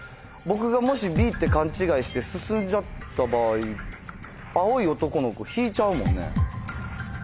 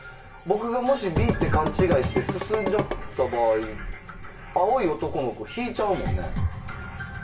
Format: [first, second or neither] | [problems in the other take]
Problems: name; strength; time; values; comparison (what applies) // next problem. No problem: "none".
first | background sound (Drum / Drum kit); 2 dB below the speech // room echo; dies away in 0.2 s